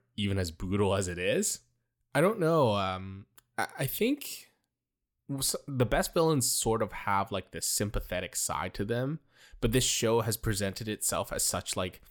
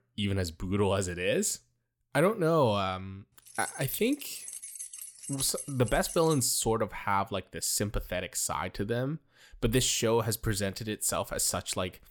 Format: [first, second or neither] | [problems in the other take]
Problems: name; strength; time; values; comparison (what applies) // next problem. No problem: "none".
first | jangling keys; noticeable; from 3.5 to 6.5 s; peak 7 dB below the speech